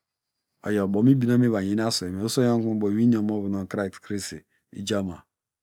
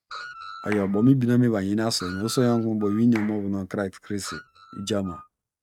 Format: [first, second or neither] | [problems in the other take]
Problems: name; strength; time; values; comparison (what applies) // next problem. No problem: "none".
first | noise reduction (neural mask model RNNoise)